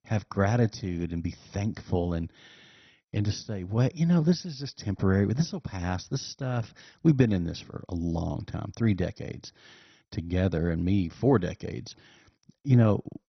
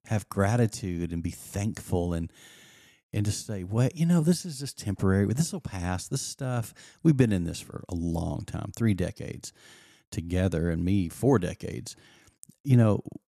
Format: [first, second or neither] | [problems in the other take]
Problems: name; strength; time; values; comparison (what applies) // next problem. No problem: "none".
second | garbled, watery; badly; nothing above 6 kHz